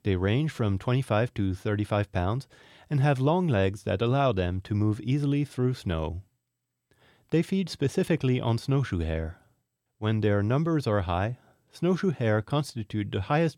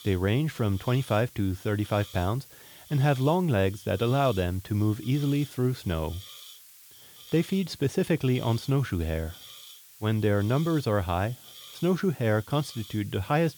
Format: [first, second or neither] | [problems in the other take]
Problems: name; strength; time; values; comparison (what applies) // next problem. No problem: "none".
first | hiss; noticeable; throughout; 20 dB below the speech